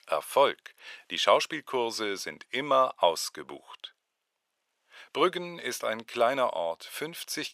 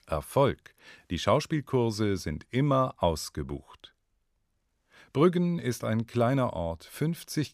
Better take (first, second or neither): second